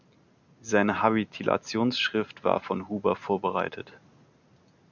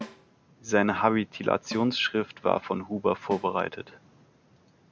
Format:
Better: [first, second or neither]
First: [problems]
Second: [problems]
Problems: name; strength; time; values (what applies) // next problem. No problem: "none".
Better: first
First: none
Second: background sound (Snare drum); 19 dB below the speech